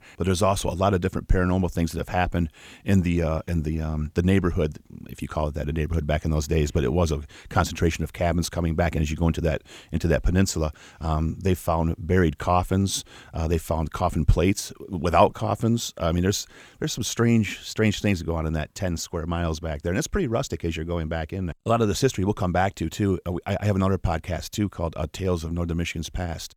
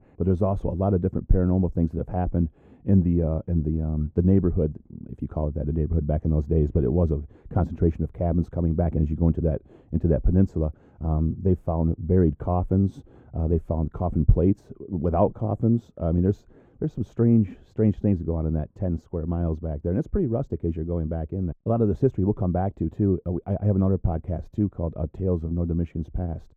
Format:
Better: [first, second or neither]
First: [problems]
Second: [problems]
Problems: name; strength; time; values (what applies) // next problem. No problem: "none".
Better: first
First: none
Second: muffled; very; fading above 1.5 kHz